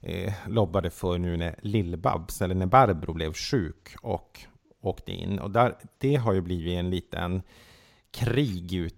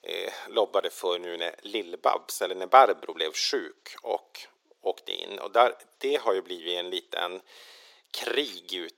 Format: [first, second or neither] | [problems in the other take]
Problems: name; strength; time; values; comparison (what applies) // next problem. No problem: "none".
first | thin; very; fading below 400 Hz